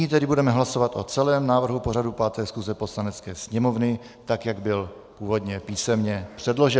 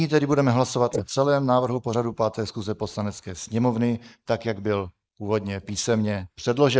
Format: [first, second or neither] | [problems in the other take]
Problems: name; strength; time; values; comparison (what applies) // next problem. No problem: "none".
first | noise reduction (neural mask model Resemble Enhance denoiser)